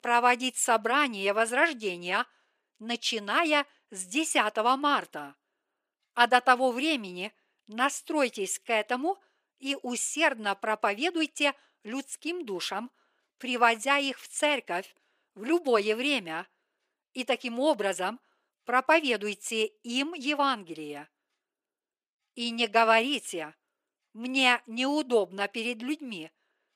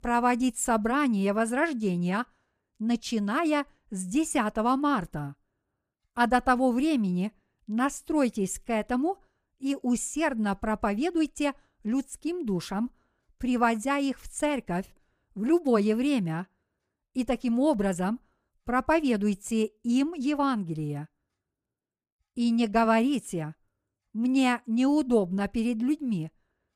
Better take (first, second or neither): second